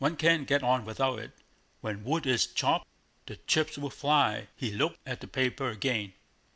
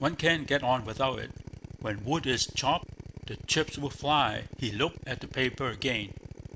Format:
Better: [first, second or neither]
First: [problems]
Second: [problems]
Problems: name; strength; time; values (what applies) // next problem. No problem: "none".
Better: first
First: none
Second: background sound (Drill); 13 dB below the speech